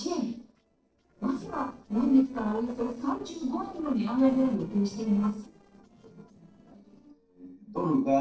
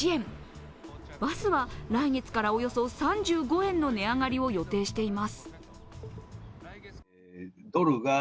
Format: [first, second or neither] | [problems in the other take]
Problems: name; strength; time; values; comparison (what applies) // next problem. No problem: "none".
second | noise reduction (neural separator model SepFormer DNS4)